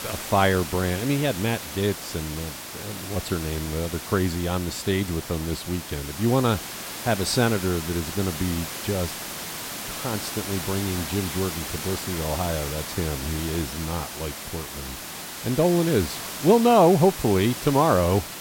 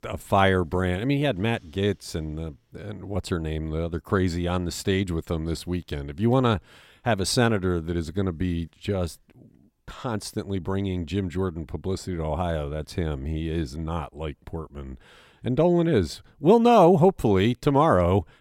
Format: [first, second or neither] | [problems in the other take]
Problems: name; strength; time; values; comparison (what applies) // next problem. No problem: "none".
second | hiss; loud; throughout; 8 dB below the speech